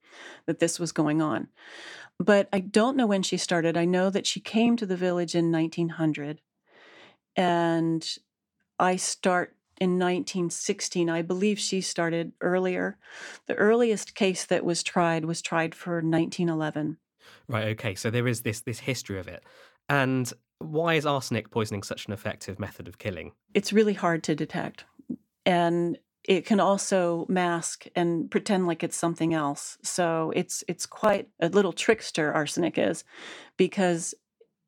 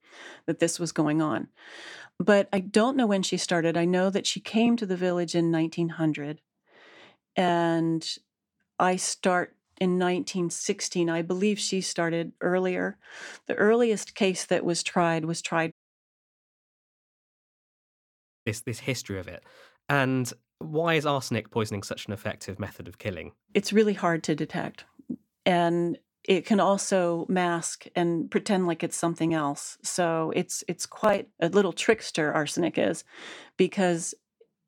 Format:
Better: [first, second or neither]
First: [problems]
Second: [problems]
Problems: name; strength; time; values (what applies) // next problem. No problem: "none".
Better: first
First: none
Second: audio cutting out; at 16 s for 2.5 s